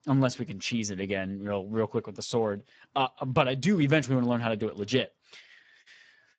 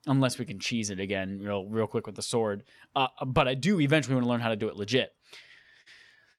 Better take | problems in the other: second | garbled, watery; badly; nothing above 7.5 kHz

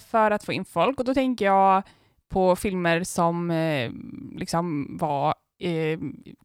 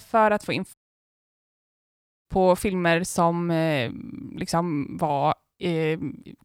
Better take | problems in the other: first | audio cutting out; at 0.5 s for 1.5 s

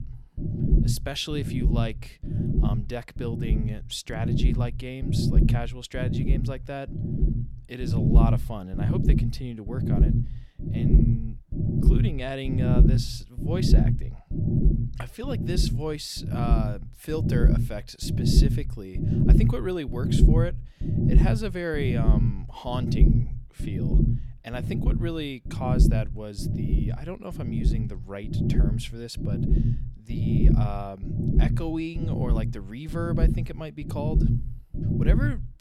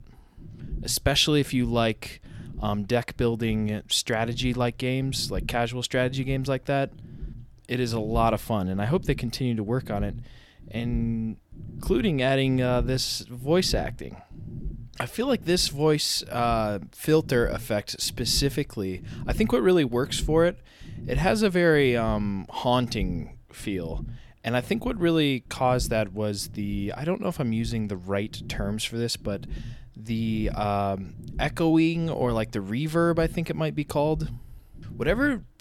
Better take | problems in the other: second | low rumble; loud; throughout; 1 dB below the speech; faint in the second

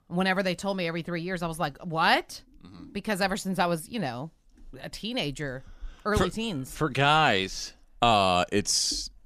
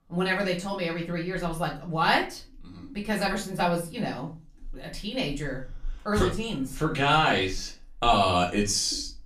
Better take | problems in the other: first | off-mic speech; far // room echo; very slight; dies away in 0.3 s

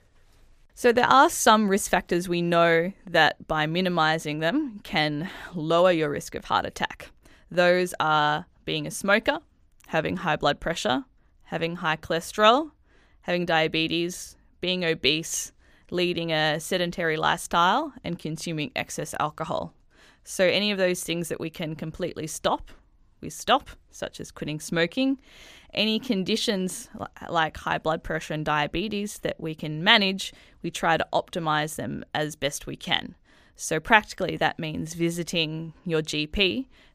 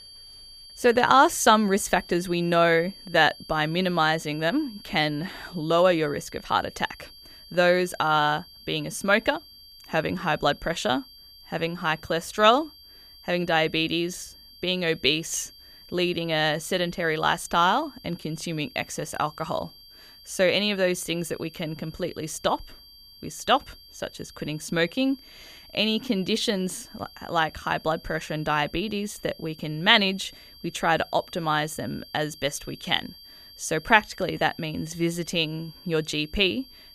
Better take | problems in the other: first | high-pitched whine; faint; throughout; 4.5 kHz, 20 dB below the speech

